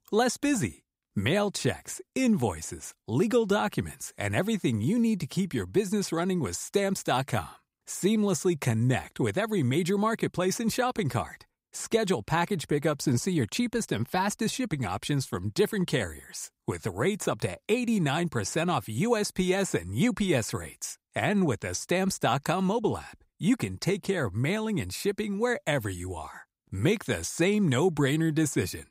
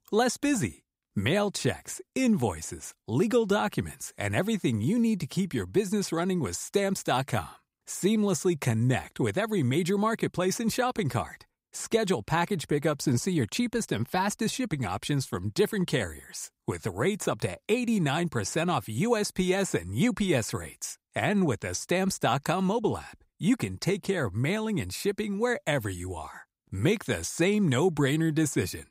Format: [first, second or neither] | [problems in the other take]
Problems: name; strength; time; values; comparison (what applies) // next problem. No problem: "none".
neither | none